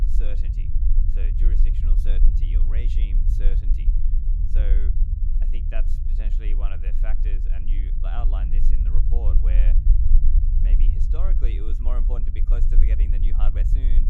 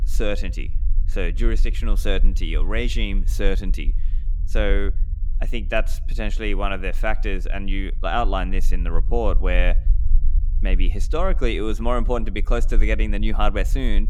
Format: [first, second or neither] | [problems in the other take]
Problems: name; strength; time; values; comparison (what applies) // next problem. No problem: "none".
second | low rumble; loud; throughout; 3 dB below the speech; faint in the second